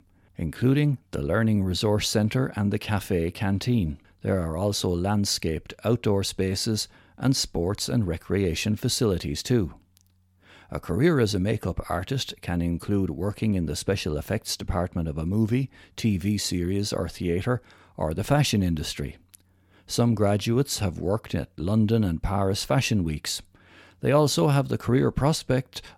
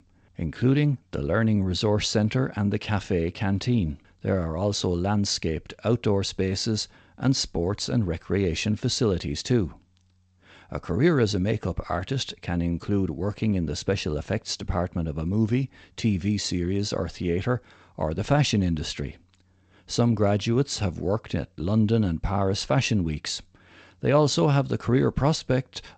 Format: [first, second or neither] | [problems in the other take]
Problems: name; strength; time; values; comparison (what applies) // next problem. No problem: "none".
first | garbled, watery; slightly; nothing above 7.5 kHz